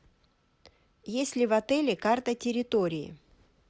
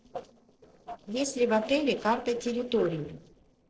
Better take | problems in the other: first | noise reduction (neural separator model SepFormer DNS4)

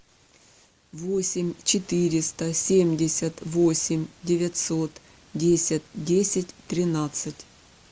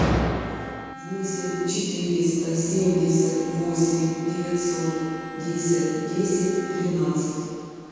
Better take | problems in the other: first | background sound (Bowed string instrument); 15 dB below the speech // room echo; dies away in 2.2 s

